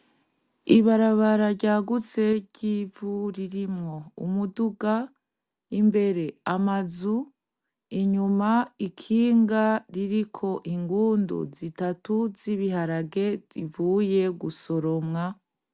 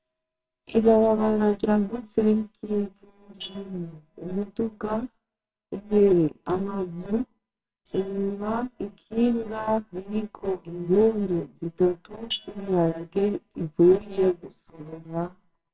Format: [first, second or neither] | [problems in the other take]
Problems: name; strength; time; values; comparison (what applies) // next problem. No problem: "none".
first | noise reduction (neural separator model SepFormer WHAMR!)